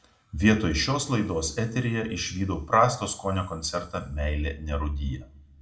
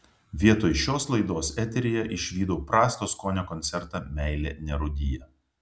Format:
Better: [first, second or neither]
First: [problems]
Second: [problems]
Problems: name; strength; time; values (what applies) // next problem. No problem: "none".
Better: second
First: room echo; dies away in 0.6 s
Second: none